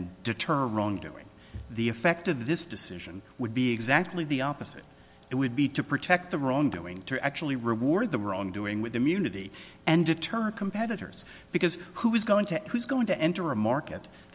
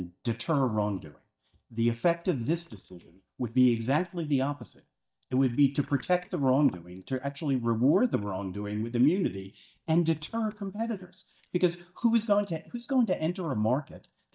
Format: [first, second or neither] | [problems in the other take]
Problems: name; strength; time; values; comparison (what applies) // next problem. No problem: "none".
first | noise reduction (neural mask model DeepFilterNet 3)